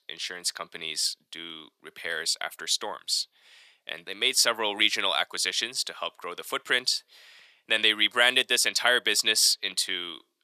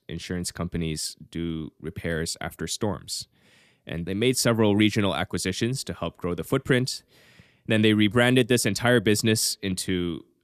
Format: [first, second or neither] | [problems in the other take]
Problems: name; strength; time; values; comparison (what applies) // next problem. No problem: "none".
second | thin; very; fading below 850 Hz